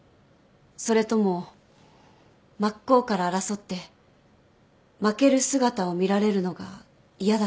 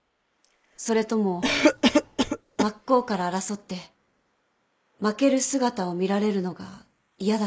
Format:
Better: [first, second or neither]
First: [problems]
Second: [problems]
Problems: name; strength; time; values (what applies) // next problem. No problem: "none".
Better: first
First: none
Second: noise reduction (neural mask model Resemble Enhance denoiser)